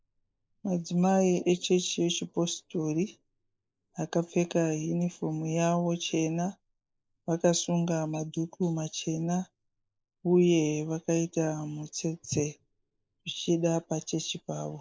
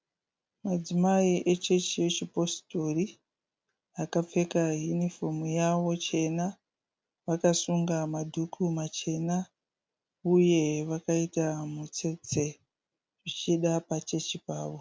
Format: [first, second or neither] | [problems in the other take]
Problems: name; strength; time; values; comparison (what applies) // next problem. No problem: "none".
second | noise reduction (neural mask model Resemble Enhance denoiser)